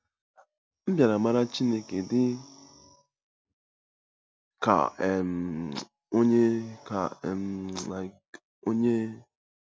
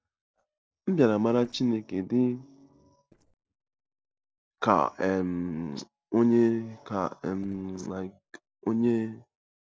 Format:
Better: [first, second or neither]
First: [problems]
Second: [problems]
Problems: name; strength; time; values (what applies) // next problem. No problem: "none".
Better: first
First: none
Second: noise reduction (neural separator model SepFormer DNS4)